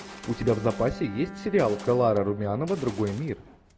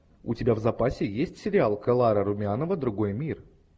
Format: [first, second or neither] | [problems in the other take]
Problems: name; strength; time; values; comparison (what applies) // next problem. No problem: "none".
second | background sound (Bowed string instrument + Gunshot, gunfire); 15 dB below the speech